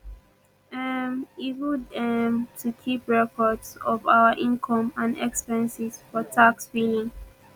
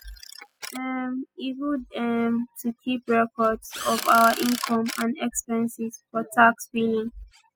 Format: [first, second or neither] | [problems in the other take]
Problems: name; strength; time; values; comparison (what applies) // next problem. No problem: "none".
first | noise reduction (classical method spectral subtraction)